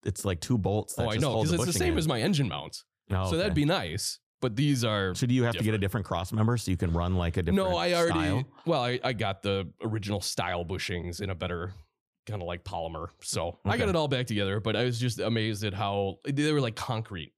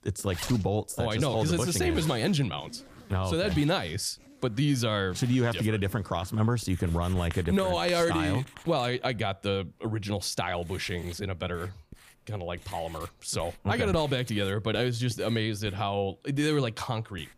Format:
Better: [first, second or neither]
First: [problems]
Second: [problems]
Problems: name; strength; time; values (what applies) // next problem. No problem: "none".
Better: first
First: none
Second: household noises; noticeable; throughout; 20 dB below the speech